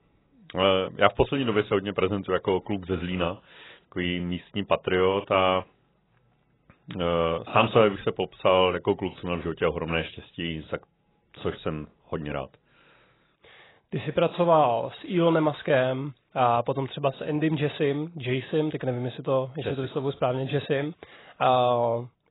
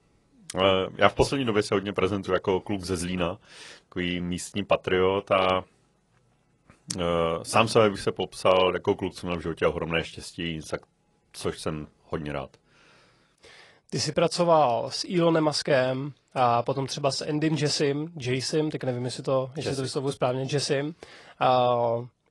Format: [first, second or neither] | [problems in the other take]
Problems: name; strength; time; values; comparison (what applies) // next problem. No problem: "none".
second | garbled, watery; badly; nothing above 3.5 kHz; slightly in the second